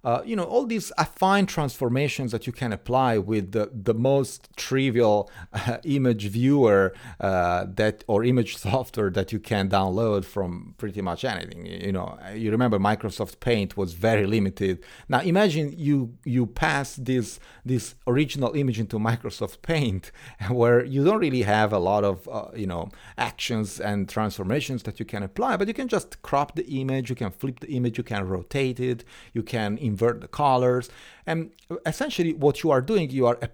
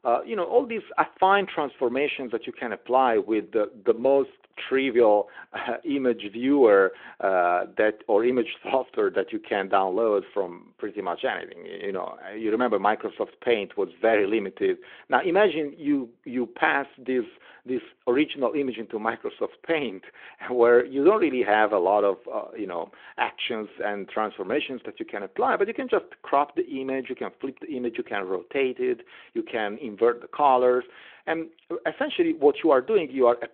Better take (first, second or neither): first